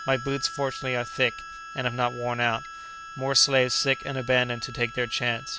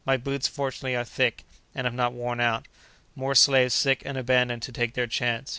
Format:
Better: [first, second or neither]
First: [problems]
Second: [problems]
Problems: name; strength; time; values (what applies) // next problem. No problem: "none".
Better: second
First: background sound (Harmonica); 13 dB below the speech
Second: none